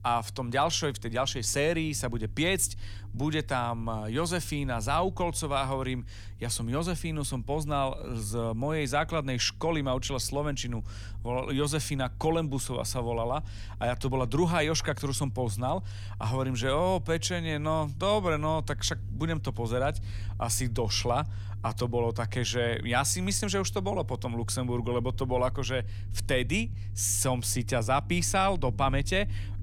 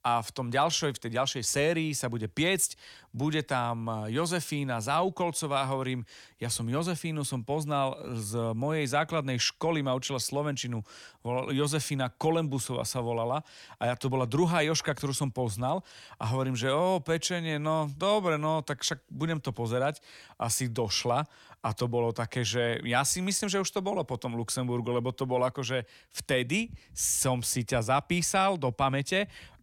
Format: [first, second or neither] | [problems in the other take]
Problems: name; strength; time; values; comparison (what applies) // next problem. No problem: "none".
second | low rumble; faint; throughout; 25 dB below the speech